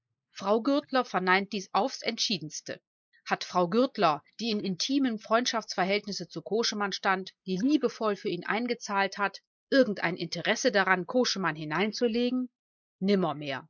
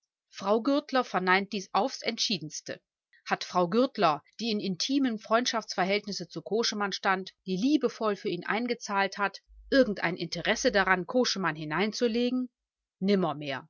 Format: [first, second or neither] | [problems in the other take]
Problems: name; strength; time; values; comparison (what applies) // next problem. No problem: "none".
second | noise reduction (neural mask model Resemble Enhance denoiser)